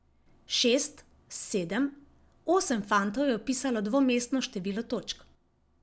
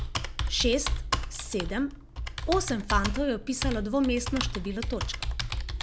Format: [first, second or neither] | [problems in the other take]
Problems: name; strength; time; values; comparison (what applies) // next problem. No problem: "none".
first | background sound (Computer keyboard); 1 dB below the speech